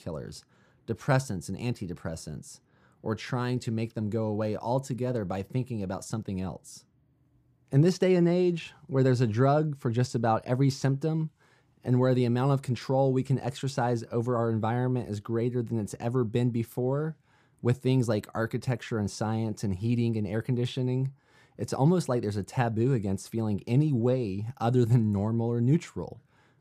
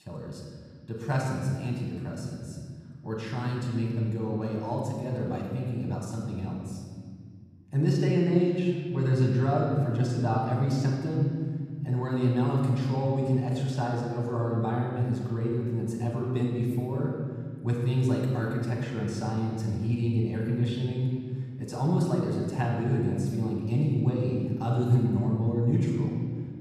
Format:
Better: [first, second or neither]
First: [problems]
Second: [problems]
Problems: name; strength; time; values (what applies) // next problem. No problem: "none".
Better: first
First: none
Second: off-mic speech; far // room echo; noticeable; dies away in 2.1 s